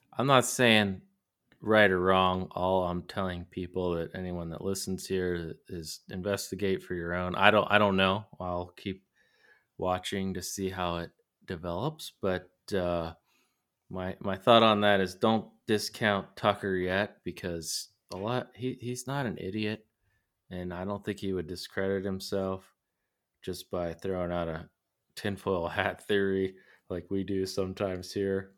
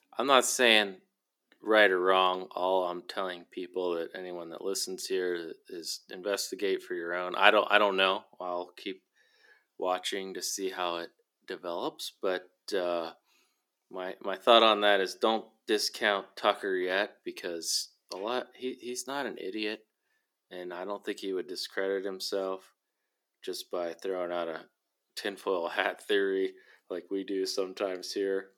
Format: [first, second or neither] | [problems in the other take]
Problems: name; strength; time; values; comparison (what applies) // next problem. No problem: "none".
first | thin; somewhat; fading below 300 Hz